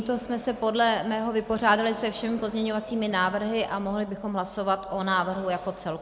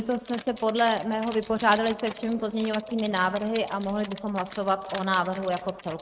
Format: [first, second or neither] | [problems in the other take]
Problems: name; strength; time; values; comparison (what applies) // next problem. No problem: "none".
first | noise reduction (neural mask model RNNoise)